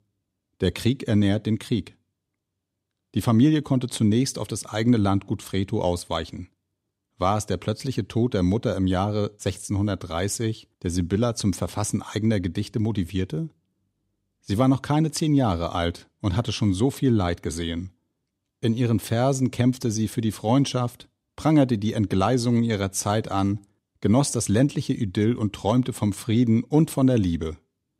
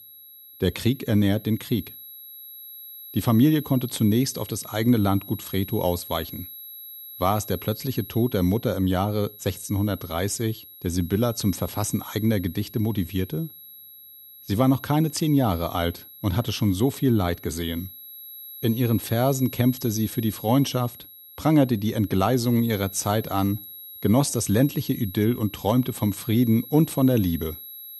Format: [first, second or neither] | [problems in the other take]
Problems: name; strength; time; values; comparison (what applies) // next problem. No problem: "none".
first | high-pitched whine; noticeable; throughout; 11.5 kHz, 15 dB below the speech